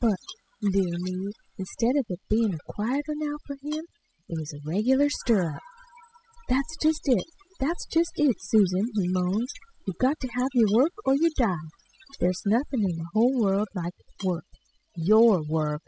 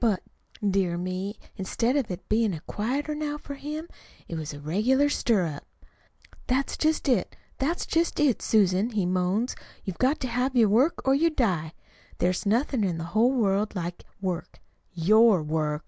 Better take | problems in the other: second | noise reduction (classical method spectral subtraction)

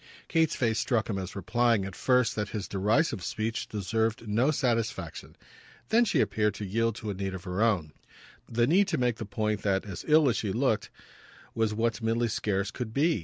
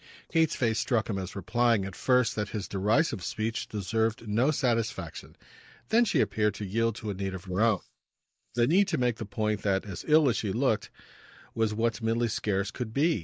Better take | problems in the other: first | noise reduction (neural mask model Resemble Enhance denoiser)

